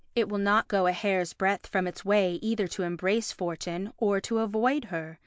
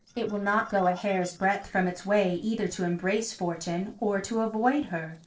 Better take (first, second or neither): first